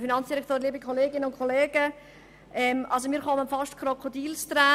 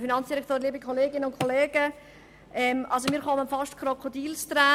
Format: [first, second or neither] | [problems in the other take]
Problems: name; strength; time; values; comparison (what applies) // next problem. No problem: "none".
first | background sound (Wood); 16 dB below the speech